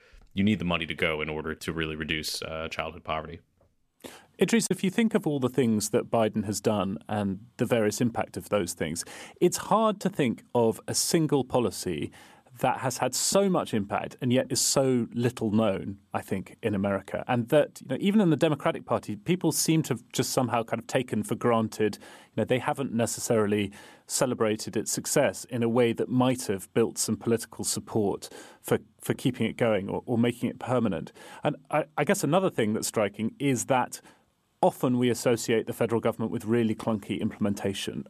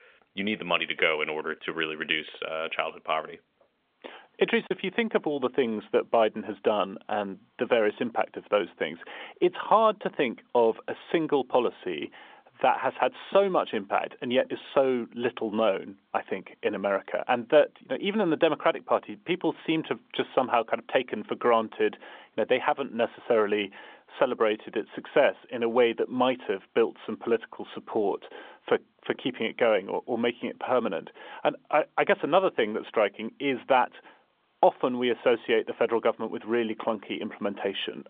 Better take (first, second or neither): first